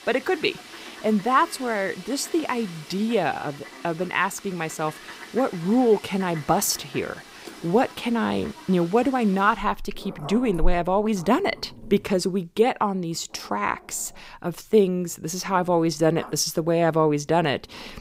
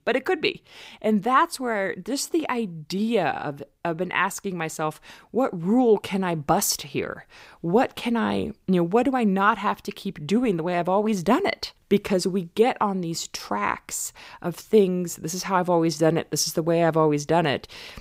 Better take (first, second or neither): second